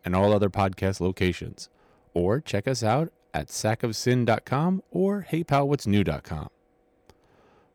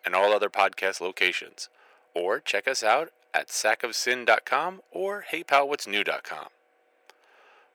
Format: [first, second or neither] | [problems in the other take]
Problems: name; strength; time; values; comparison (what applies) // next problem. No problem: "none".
first | thin; very; fading below 500 Hz